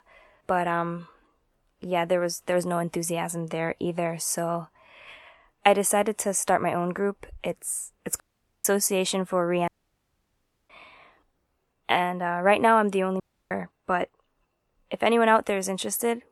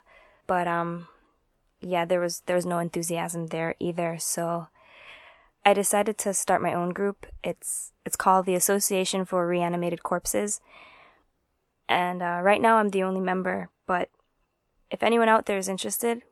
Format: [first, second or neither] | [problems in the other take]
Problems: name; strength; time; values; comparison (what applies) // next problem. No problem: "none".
second | audio cutting out; at 8 s, at 9.5 s for 1 s and at 13 s